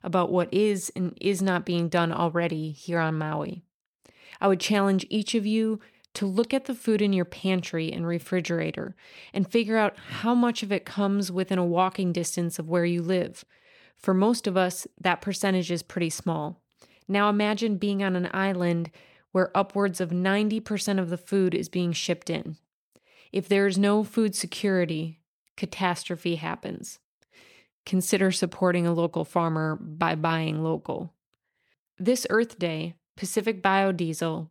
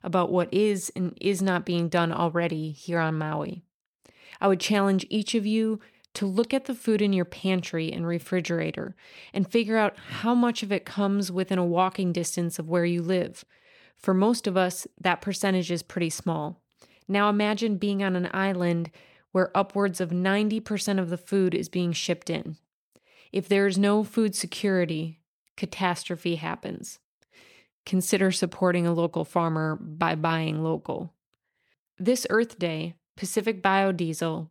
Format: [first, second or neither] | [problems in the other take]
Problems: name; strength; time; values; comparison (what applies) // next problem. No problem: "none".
neither | none